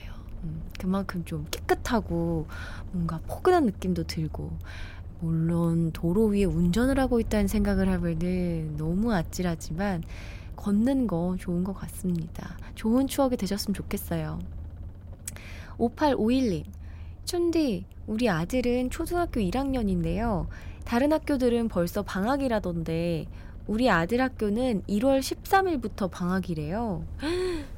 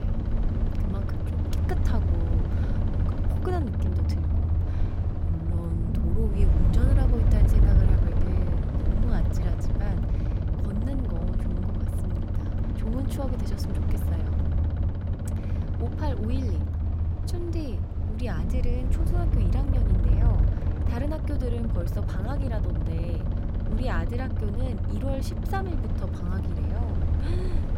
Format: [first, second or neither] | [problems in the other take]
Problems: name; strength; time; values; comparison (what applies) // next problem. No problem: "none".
first | low rumble; loud; throughout; as loud as the speech; faint in the first